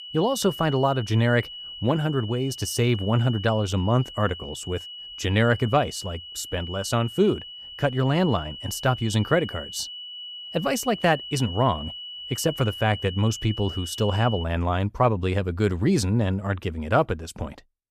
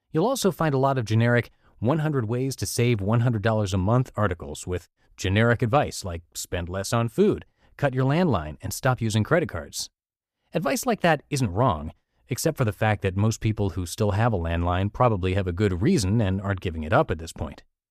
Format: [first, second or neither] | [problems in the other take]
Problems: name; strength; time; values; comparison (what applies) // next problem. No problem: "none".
second | high-pitched whine; noticeable; until 14 s; 3 kHz, 10 dB below the speech